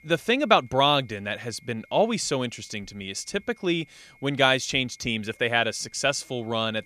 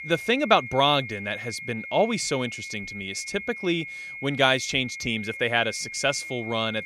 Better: first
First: high-pitched whine; faint; throughout; 2 kHz, 30 dB below the speech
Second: high-pitched whine; loud; throughout; 2 kHz, 10 dB below the speech

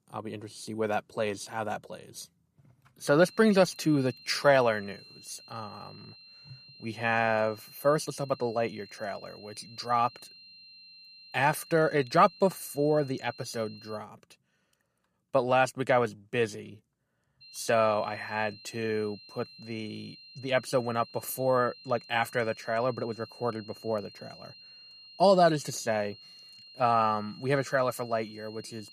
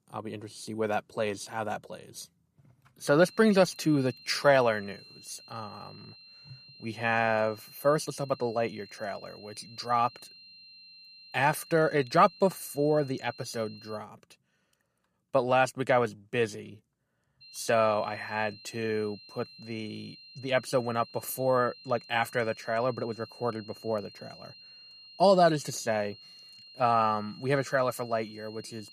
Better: neither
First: high-pitched whine; faint; from 3.5 to 14 s and from 17 s on; 4 kHz, 20 dB below the speech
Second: high-pitched whine; faint; from 3.5 to 14 s and from 17 s on; 4 kHz, 20 dB below the speech

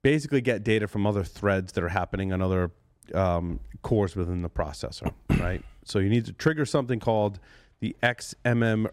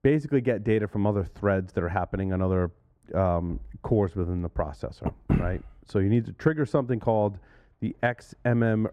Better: first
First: none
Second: muffled; slightly; fading above 2 kHz

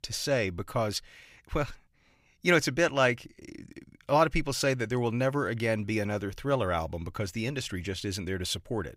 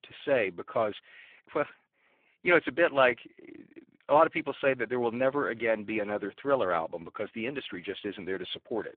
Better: first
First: none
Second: phone-call audio; poor line

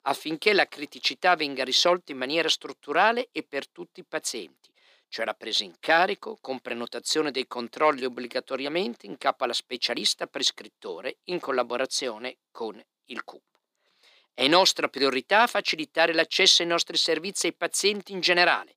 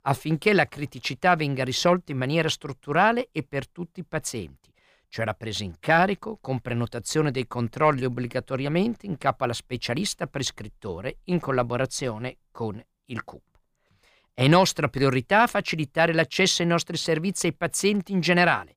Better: second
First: thin; somewhat; fading below 250 Hz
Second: none

